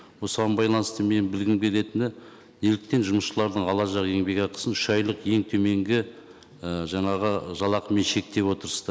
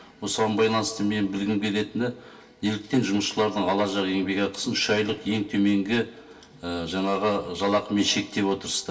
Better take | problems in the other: first | room echo; dies away in 0.2 s

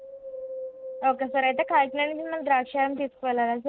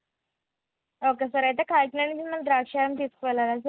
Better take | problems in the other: second | background sound (Wind); 13 dB below the speech

